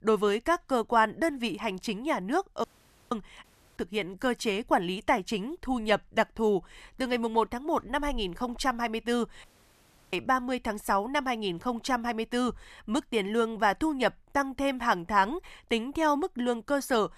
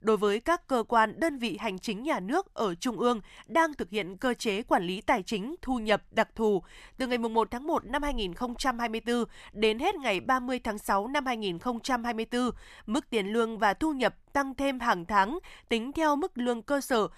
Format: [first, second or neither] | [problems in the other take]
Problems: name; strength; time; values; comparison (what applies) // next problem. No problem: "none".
second | audio cutting out; at 2.5 s, at 3.5 s and at 9.5 s for 0.5 s